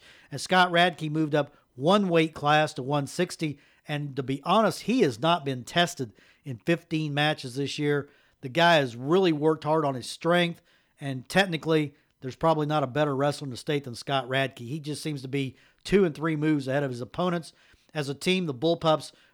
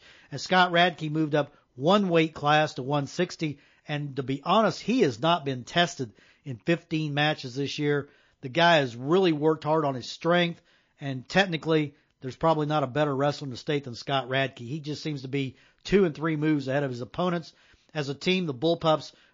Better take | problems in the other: first | garbled, watery; slightly

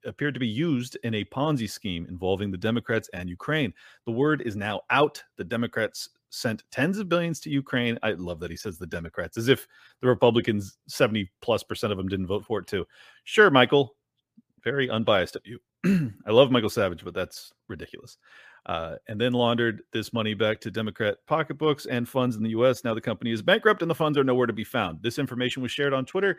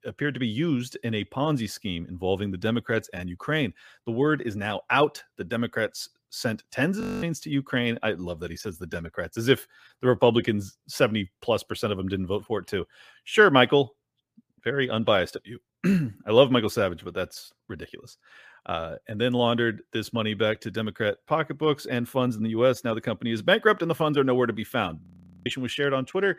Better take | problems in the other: first | audio freezing; at 7 s and at 25 s

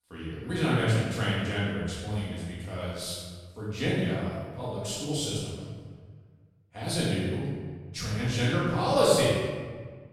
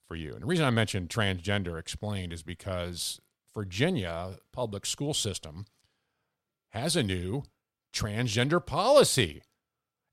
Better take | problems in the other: second | off-mic speech; far // room echo; strong; dies away in 1.4 s

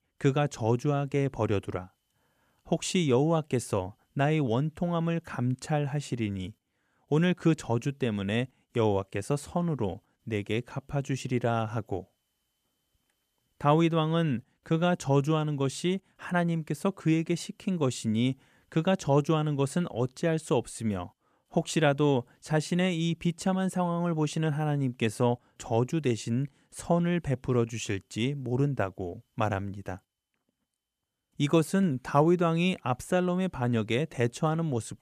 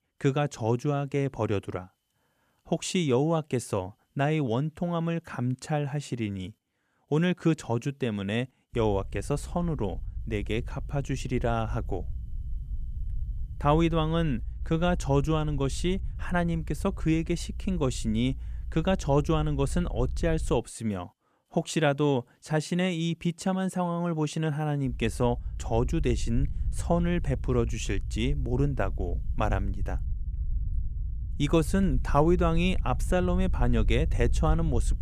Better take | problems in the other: first | low rumble; faint; from 8.5 to 21 s and from 25 s on; 25 dB below the speech

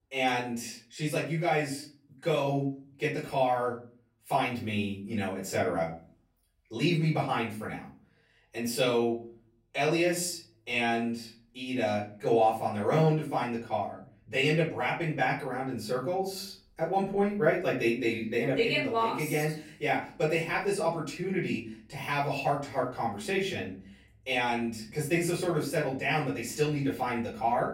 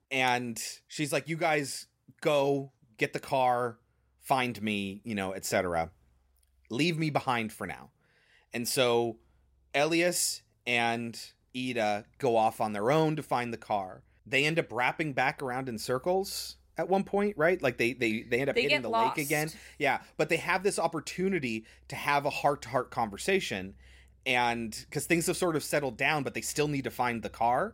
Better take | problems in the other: second | room echo; slight; dies away in 0.4 s // off-mic speech; far

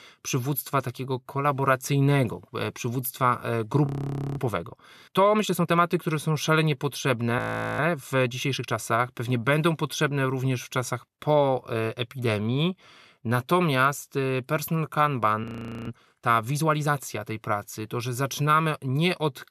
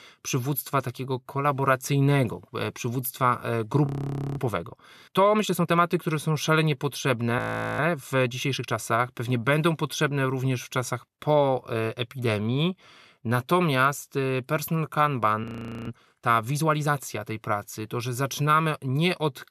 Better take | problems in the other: neither | audio freezing; at 4 s for 0.5 s, at 7.5 s and at 15 s; the same in both

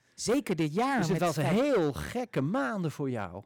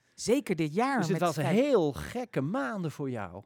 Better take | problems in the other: second | distortion; slight; 9% of the sound clipped

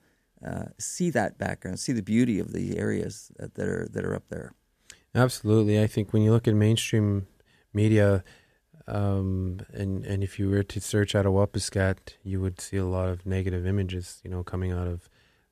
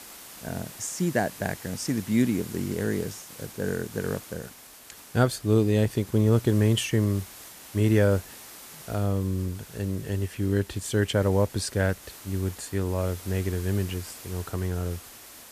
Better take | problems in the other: first | hiss; noticeable; throughout; 15 dB below the speech

